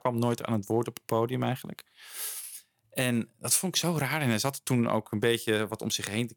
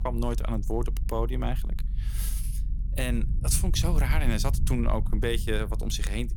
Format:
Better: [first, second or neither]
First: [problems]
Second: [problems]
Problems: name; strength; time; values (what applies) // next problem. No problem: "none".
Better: first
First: none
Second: low rumble; noticeable; throughout; 15 dB below the speech